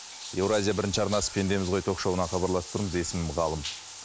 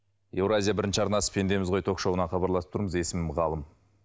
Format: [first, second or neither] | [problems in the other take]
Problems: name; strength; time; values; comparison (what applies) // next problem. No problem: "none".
second | background sound (Bathtub (filling or washing)); 13 dB below the speech